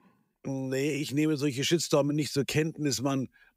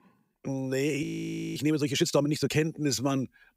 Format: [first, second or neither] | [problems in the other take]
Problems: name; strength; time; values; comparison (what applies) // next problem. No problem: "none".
first | audio freezing; at 1 s for 0.5 s